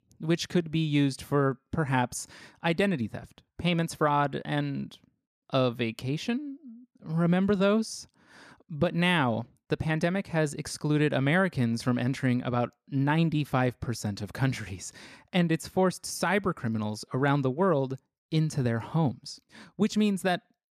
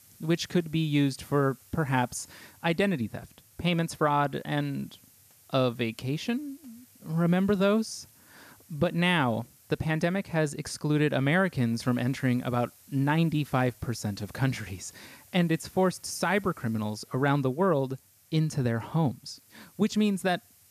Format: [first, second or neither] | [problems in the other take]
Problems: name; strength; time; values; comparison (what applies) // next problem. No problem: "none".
first | hiss; faint; throughout; 25 dB below the speech